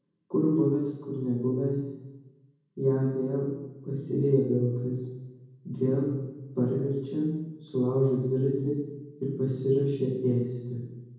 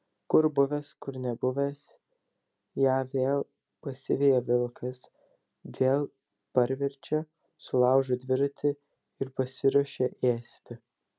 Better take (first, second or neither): second